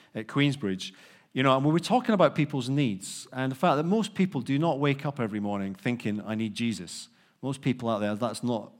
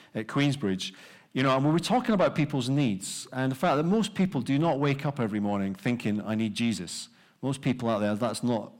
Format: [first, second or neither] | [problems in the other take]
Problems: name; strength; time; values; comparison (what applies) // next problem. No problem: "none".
first | distortion; slight; 10 dB below the speech